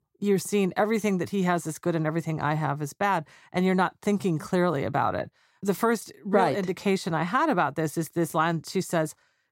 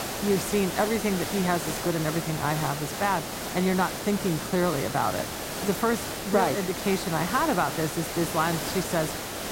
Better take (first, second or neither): first